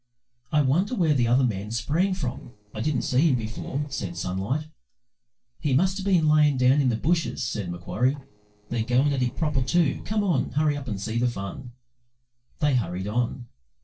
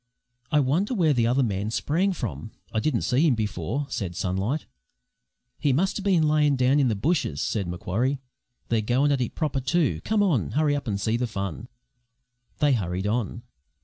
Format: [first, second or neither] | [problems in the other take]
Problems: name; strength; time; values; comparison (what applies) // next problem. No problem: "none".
second | noise reduction (neural separator model SepFormer DNS4)